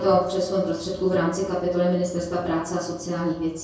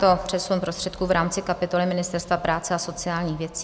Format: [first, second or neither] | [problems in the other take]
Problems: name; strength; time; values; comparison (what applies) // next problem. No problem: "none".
second | room echo; dies away in 0.6 s